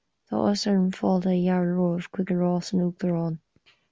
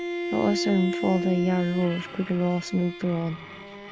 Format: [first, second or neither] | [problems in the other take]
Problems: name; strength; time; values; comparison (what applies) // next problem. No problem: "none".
first | background sound (Bowed string instrument); 7 dB below the speech